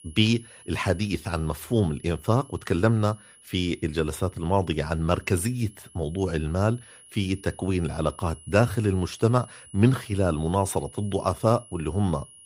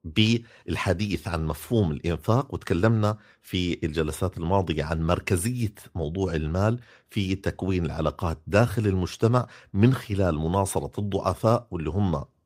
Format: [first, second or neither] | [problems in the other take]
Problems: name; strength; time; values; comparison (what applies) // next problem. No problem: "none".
second | high-pitched whine; faint; throughout; 10.5 kHz, 20 dB below the speech